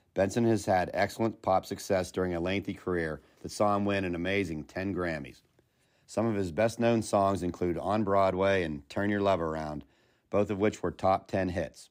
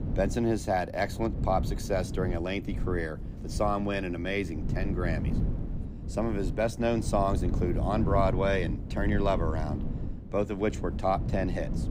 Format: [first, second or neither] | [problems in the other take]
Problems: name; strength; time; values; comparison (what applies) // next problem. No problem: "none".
first | wind noise on the microphone; occasional gusts; 15 dB below the speech